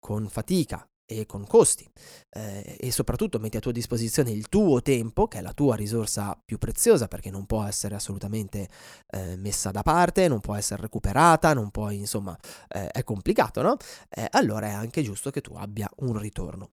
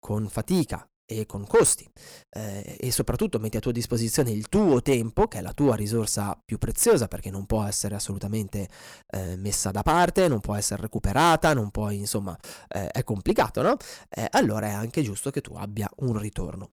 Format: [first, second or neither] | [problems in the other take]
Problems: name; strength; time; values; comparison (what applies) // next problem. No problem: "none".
first | distortion; slight; 2% of the sound clipped